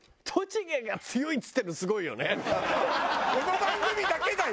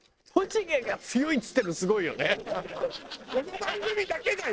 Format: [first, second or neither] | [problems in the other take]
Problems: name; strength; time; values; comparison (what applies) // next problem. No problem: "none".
first | noise reduction (neural separator model SepFormer DNS4)